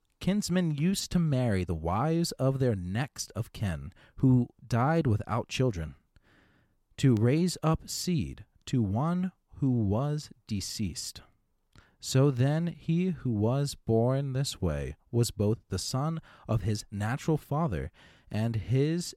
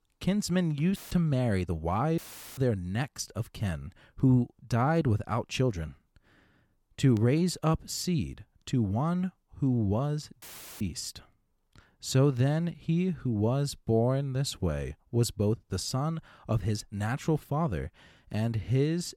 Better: first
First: none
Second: audio cutting out; filled with static; at 1 s, at 2 s and at 10 s

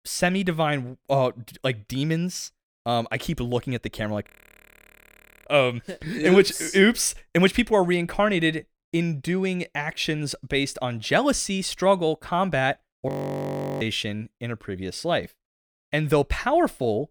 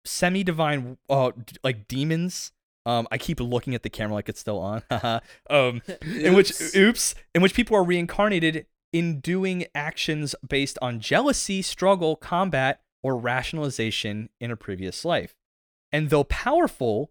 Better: second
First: audio freezing; at 4.5 s for 1 s and at 13 s for 0.5 s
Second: none

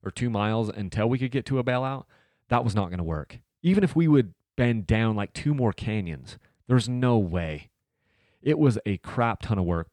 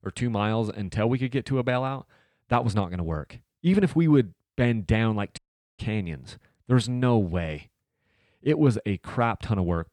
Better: first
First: none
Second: audio cutting out; at 5.5 s

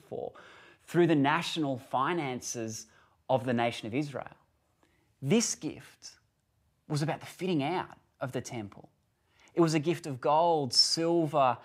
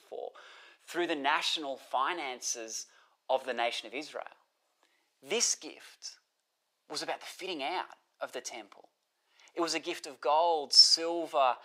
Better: first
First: none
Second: thin; very; fading below 450 Hz

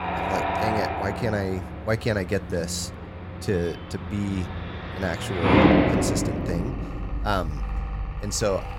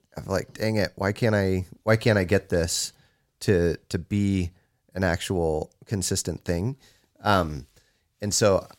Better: second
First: machinery noise; very loud; throughout; 3 dB above the speech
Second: none

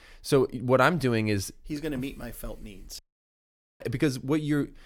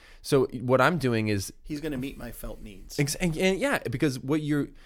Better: second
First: audio cutting out; at 3 s for 1 s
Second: none

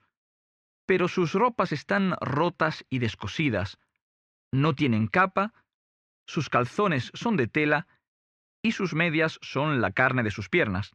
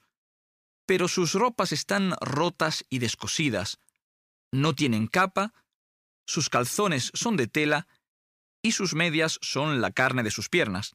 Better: second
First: muffled; very; fading above 2 kHz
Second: none

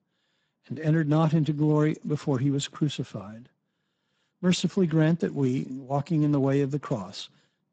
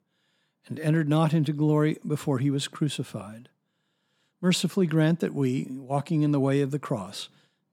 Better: second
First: garbled, watery; badly; nothing above 7.5 kHz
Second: none

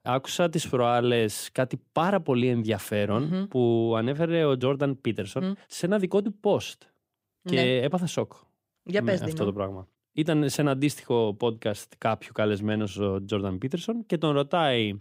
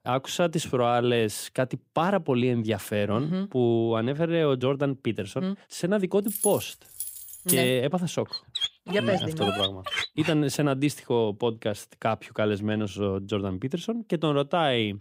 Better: first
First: none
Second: jangling keys; noticeable; from 6.5 to 7.5 s; peak level with the speech // dog barking; noticeable; from 8.5 to 10 s; peak 1 dB below the speech

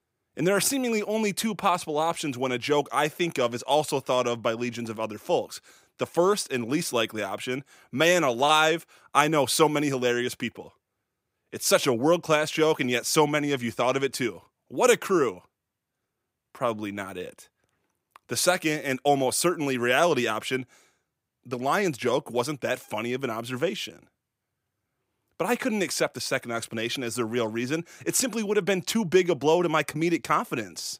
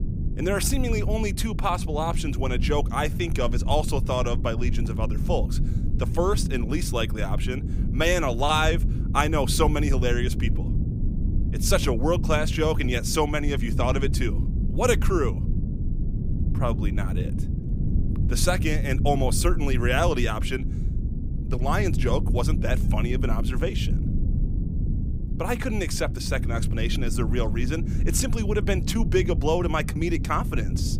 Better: first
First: none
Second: low rumble; noticeable; throughout; 10 dB below the speech

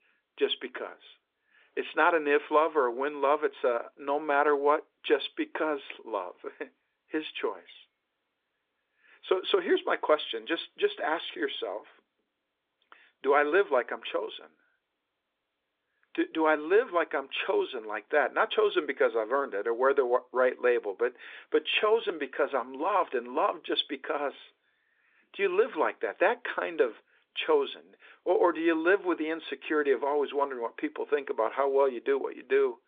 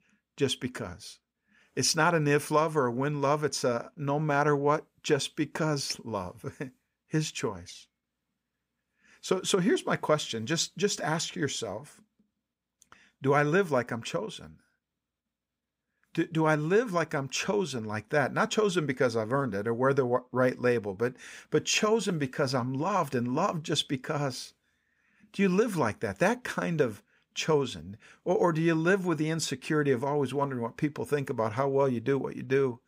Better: second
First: phone-call audio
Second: none

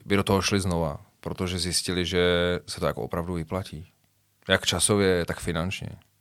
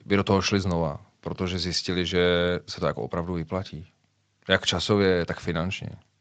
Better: first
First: none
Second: garbled, watery; slightly; nothing above 7.5 kHz

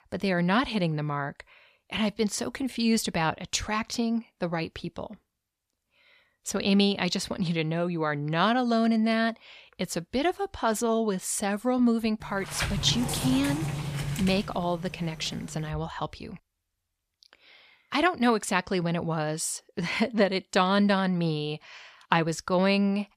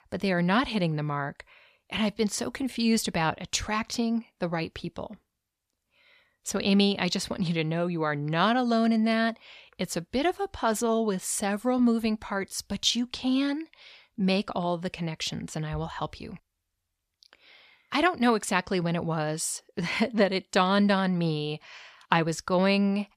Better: second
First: door banging; noticeable; from 12 to 16 s; peak 3 dB below the speech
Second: none

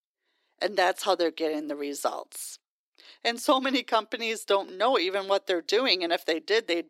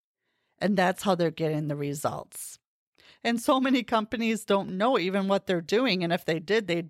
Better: second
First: thin; somewhat; fading below 300 Hz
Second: none

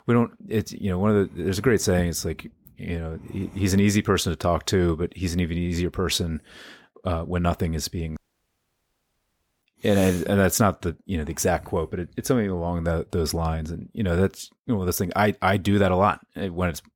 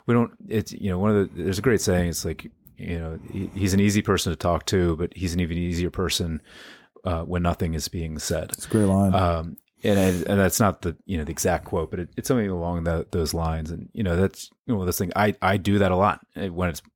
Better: second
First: audio cutting out; at 8 s for 1.5 s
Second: none

